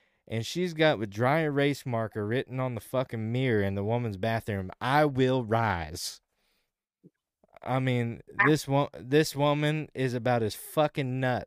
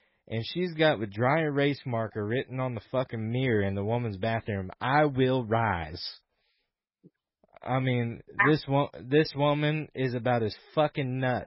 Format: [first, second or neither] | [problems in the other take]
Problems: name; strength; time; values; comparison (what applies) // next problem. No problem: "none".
first | garbled, watery; badly; nothing above 5.5 kHz